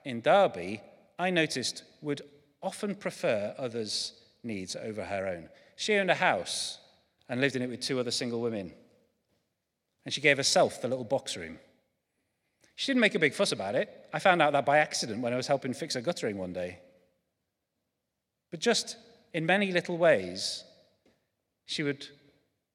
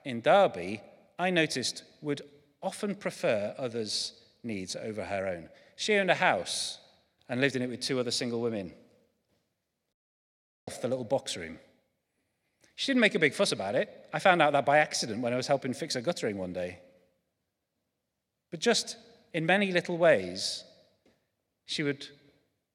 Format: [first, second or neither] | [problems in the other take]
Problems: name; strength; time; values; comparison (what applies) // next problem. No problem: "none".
first | audio cutting out; at 10 s for 0.5 s